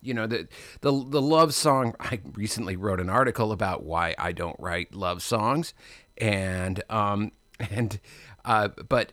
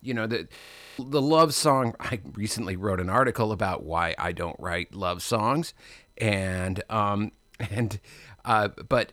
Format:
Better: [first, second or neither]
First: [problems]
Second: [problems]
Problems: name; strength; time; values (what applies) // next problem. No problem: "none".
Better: first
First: none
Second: audio freezing; at 0.5 s